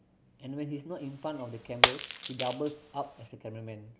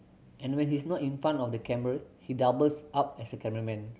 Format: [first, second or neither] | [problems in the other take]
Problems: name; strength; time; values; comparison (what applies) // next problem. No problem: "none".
second | background sound (Shatter); 4 dB above the speech